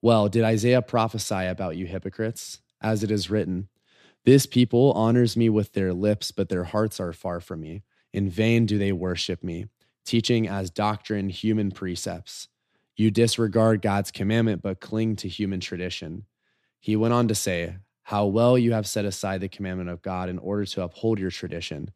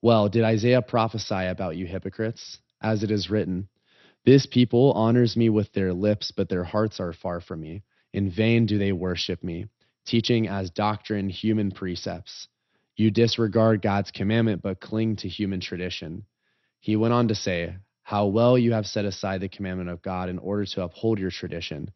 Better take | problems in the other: first | garbled, watery; slightly; nothing above 6 kHz

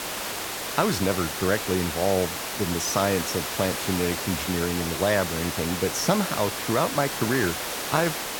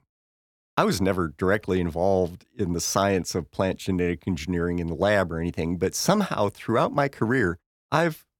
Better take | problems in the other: second | hiss; loud; throughout; 3 dB below the speech

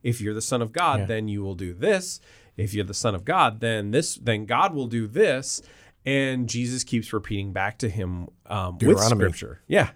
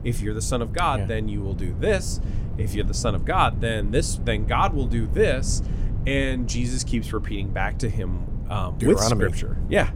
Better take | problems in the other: first | low rumble; noticeable; throughout; 15 dB below the speech

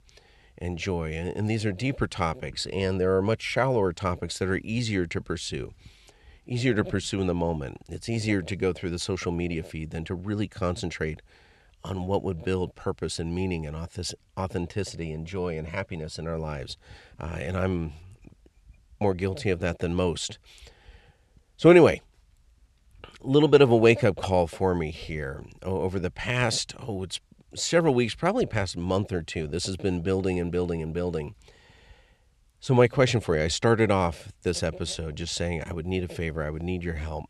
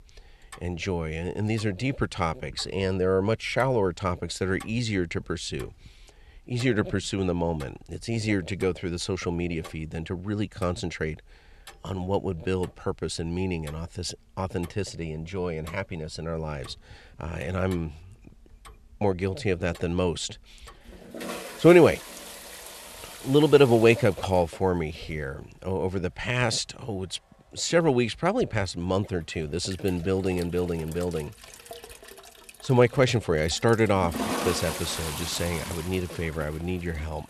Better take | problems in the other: first | household noises; noticeable; throughout; 15 dB below the speech

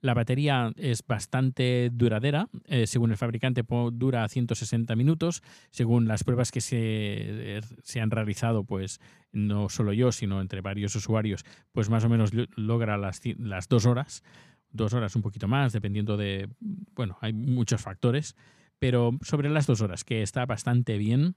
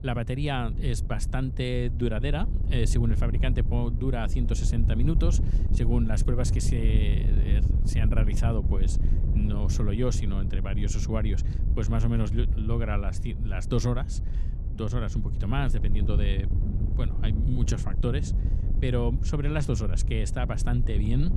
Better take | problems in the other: first | wind noise on the microphone; heavy; 9 dB below the speech

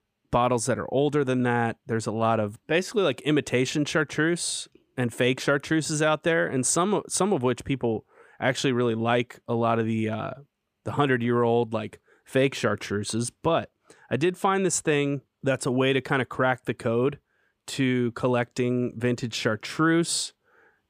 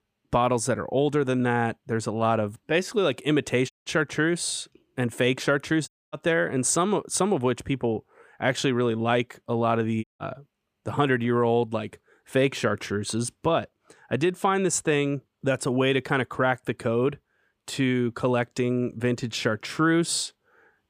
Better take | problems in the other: first | audio cutting out; at 3.5 s, at 6 s and at 10 s

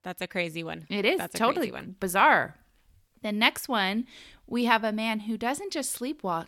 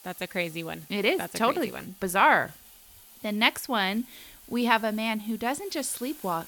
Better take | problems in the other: first | hiss; faint; throughout; 20 dB below the speech

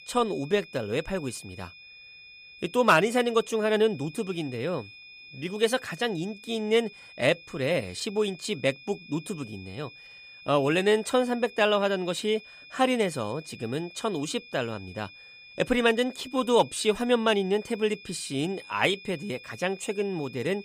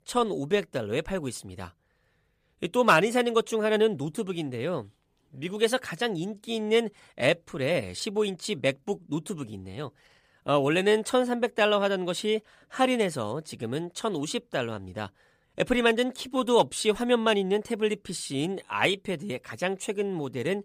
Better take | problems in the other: second | high-pitched whine; noticeable; throughout; 2.5 kHz, 20 dB below the speech

